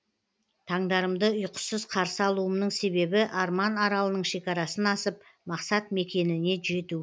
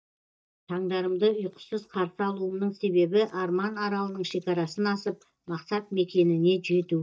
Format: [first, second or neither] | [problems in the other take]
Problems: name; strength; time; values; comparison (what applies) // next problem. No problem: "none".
first | noise reduction (neural mask model DeepFilterNet 3)